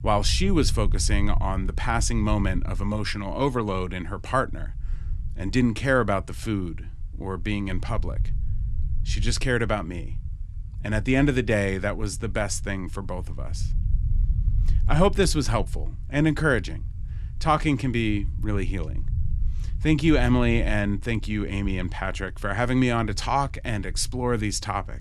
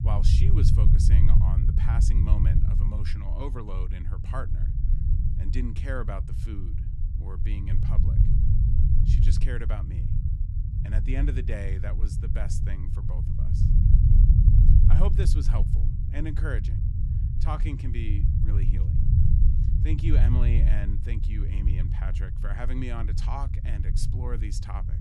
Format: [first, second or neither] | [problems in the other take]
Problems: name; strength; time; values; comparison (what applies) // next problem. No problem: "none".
first | low rumble; loud; throughout; 1 dB below the speech; faint in the first